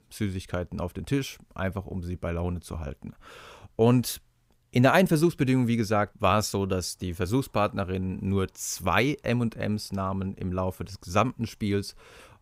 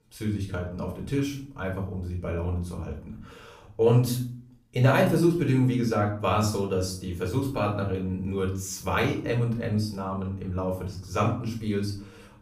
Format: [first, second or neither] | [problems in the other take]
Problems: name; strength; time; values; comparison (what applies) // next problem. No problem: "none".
first | room echo; slight; dies away in 0.5 s // off-mic speech; far